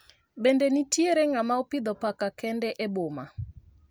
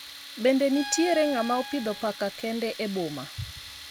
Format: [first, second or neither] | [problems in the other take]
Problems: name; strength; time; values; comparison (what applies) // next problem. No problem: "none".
first | background sound (Tools + Bowed string instrument); 12 dB below the speech